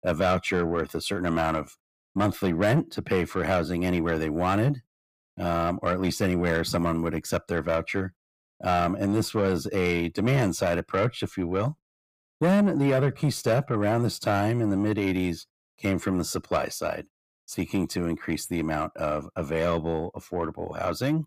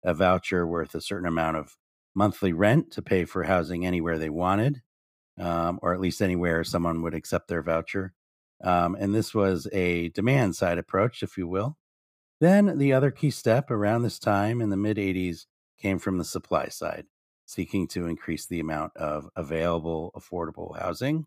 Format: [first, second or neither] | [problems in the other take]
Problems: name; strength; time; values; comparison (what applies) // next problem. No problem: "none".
second | distortion; slight; 10 dB below the speech